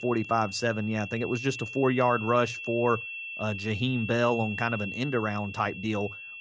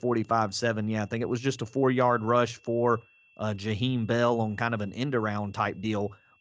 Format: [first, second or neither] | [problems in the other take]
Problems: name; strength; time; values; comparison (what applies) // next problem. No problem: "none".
second | high-pitched whine; loud; throughout; 2.5 kHz, 8 dB below the speech; faint in the second